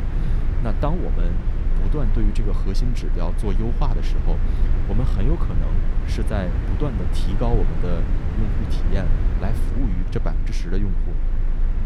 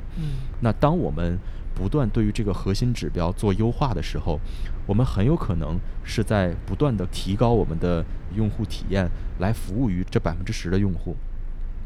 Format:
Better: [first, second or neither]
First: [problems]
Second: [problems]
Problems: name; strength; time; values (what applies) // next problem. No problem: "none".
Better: second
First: low rumble; loud; throughout; 5 dB below the speech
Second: low rumble; faint; throughout; 20 dB below the speech